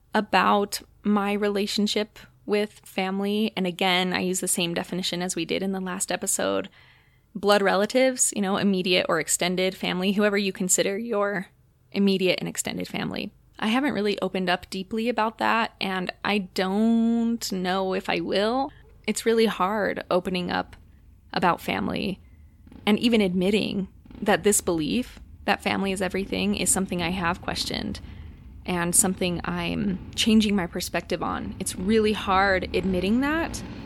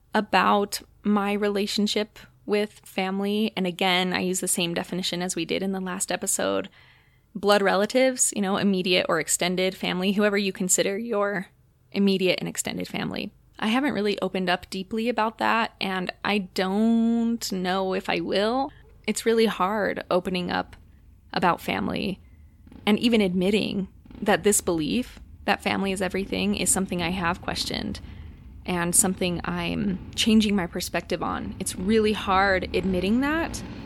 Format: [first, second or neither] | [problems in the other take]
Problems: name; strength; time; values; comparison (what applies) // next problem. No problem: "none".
neither | traffic noise; noticeable; throughout; 20 dB below the speech; the same in both